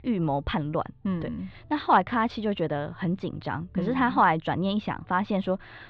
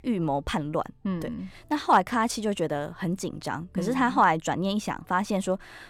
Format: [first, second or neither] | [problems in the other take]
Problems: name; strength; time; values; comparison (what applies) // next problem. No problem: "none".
second | muffled; slightly; fading above 4 kHz